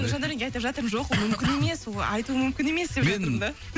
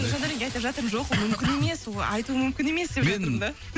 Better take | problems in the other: first | background sound (Shatter); 17 dB below the speech

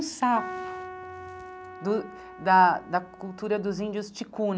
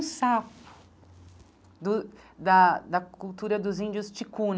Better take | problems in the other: second | background sound (Keyboard (musical)); 13 dB below the speech

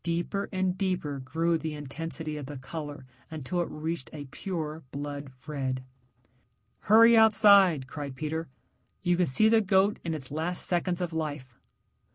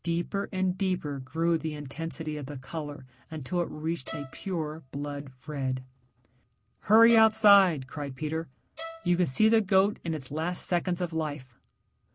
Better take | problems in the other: first | background sound (Bowed string instrument); 18 dB below the speech

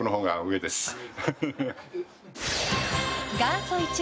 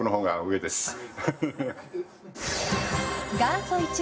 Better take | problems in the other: first | room echo; dies away in 1 s

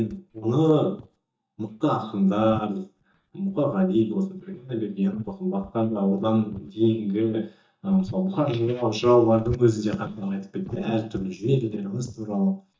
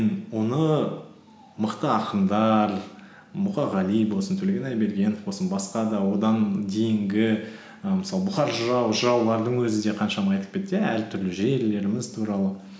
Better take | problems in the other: second | noise reduction (neural mask model DeepFilterNet 3)

